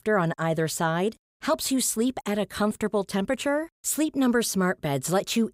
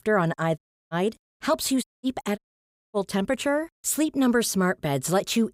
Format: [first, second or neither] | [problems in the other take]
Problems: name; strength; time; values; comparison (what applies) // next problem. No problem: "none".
first | audio cutting out; at 0.5 s, at 2 s and at 2.5 s for 0.5 s